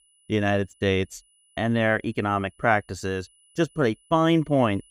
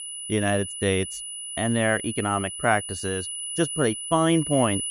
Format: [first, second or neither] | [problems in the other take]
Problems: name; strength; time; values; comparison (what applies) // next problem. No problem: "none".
first | high-pitched whine; loud; throughout; 10 kHz, 6 dB below the speech; faint in the first